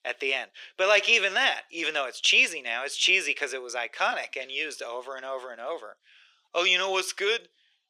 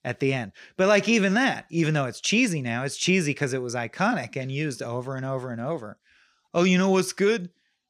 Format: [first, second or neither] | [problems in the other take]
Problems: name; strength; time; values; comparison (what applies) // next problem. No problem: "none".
second | thin; very; fading below 450 Hz